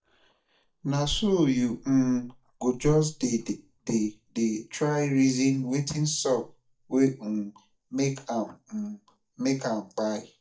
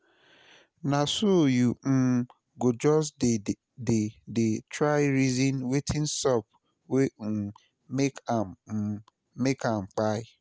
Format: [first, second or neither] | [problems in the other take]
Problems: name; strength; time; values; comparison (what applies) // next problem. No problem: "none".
second | noise reduction (neural mask model DeepFilterNet 3)